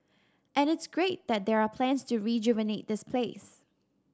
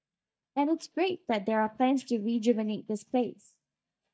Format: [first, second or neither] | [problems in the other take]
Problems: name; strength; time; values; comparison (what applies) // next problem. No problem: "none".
first | noise reduction (neural mask model DeepFilterNet 3)